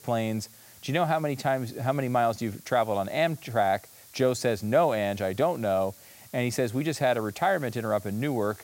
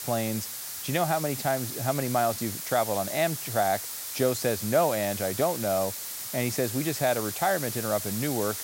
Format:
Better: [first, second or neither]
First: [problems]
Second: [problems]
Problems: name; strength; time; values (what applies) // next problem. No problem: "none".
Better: first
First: hiss; faint; throughout; 20 dB below the speech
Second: hiss; loud; throughout; 5 dB below the speech